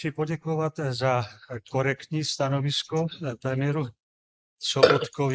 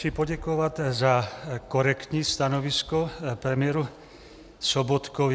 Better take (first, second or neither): second